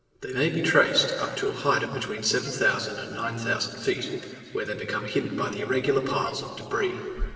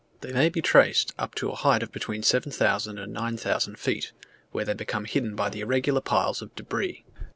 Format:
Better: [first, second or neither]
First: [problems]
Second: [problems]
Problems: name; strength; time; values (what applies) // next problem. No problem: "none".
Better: second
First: noise reduction (neural separator model SepFormer DNS4)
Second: none